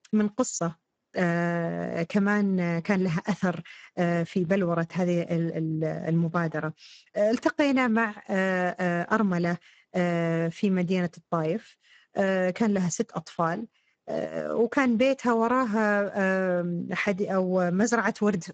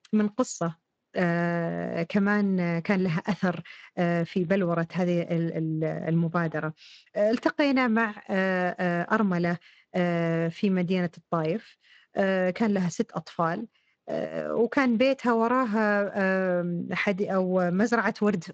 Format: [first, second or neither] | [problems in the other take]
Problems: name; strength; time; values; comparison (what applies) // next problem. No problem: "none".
second | garbled, watery; badly; nothing above 7.5 kHz; slightly in the second